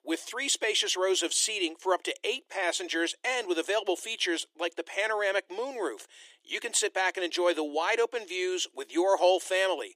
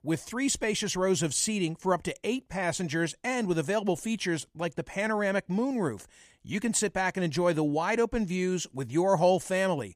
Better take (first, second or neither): second